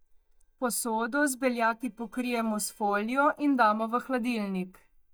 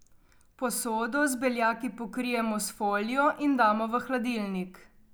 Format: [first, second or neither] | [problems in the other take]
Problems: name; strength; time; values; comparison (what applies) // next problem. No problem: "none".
second | noise reduction (neural mask model DeepFilterNet 3)